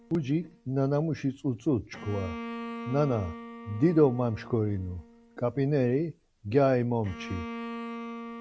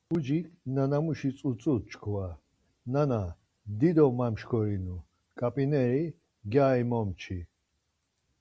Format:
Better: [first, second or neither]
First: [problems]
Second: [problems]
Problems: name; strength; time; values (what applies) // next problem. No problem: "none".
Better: second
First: background sound (Bowed string instrument); 13 dB below the speech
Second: none